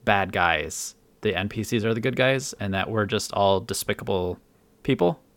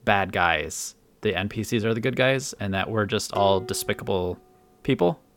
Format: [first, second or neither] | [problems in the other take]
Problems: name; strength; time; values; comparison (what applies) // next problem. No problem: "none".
first | clattering dishes; faint; at 3.5 s; peak 10 dB below the speech